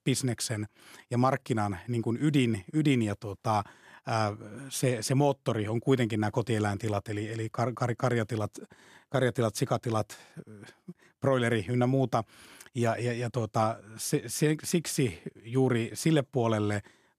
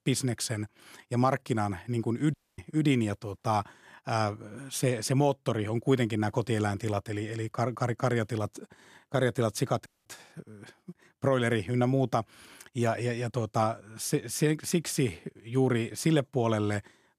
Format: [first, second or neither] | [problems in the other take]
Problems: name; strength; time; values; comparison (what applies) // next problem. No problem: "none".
first | audio cutting out; at 2.5 s and at 10 s